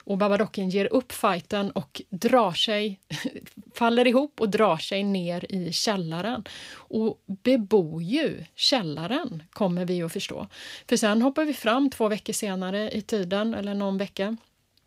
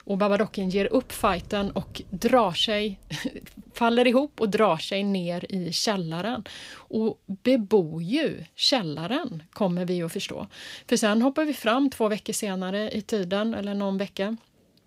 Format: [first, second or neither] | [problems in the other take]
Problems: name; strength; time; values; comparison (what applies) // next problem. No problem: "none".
first | animal sounds; faint; throughout; 25 dB below the speech